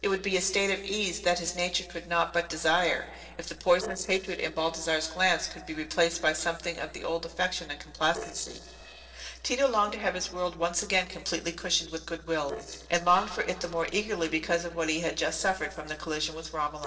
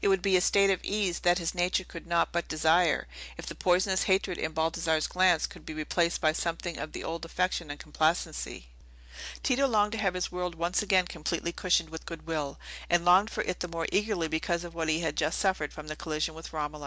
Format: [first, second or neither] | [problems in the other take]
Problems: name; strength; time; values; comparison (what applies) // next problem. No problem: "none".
second | noise reduction (neural separator model SepFormer DNS4)